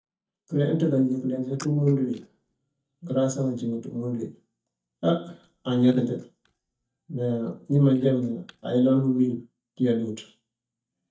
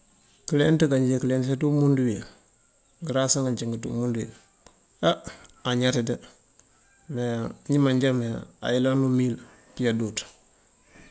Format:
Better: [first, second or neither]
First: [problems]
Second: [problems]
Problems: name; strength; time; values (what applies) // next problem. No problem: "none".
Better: second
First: noise reduction (neural mask model DeepFilterNet 3)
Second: none